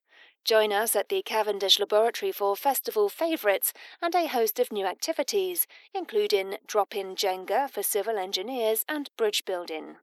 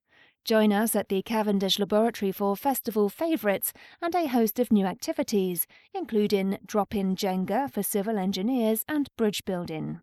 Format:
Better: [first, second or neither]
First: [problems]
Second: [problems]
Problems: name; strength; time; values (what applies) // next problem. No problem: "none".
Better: second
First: thin; very; fading below 350 Hz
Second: none